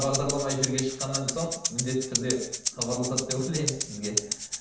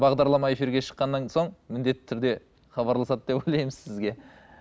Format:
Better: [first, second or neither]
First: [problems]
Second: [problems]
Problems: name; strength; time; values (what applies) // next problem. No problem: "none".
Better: second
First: background sound (Rattle (instrument)); 2 dB below the speech // room echo; dies away in 0.7 s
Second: none